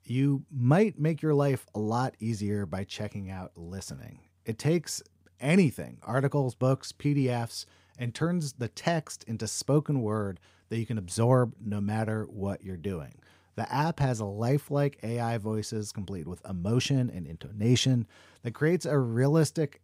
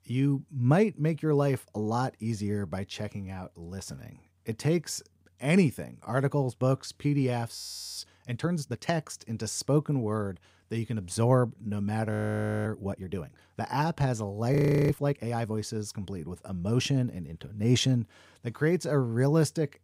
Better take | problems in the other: first | audio freezing; at 7.5 s, at 12 s for 0.5 s and at 15 s

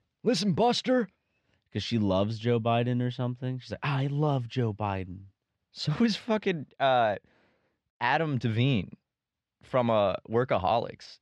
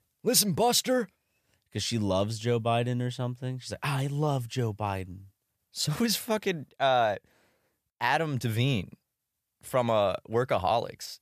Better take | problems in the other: second | muffled; very slightly; fading above 4 kHz

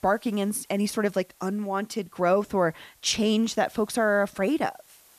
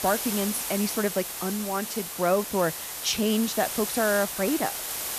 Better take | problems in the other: first | hiss; loud; throughout; 4 dB below the speech; faint in the first

